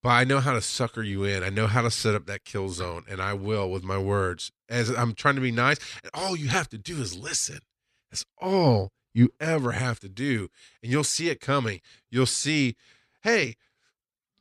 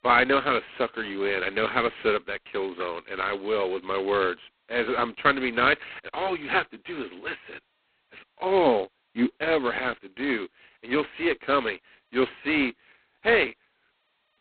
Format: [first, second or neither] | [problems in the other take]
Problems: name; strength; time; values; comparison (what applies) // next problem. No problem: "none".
first | phone-call audio; poor line; nothing above 4 kHz